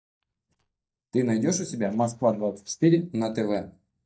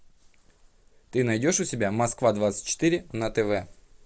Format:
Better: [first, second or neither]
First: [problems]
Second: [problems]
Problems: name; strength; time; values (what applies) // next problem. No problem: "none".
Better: second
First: noise reduction (neural mask model DeepFilterNet 3)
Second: none